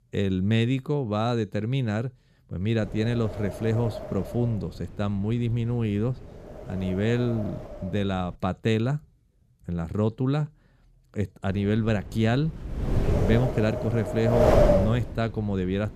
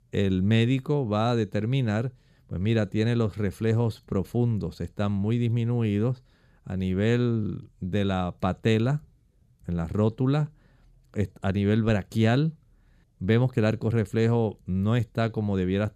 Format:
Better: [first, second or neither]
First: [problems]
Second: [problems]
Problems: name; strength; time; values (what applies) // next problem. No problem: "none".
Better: second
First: wind noise on the microphone; heavy; from 3 to 8.5 s and from 12 s on; 3 dB above the speech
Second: none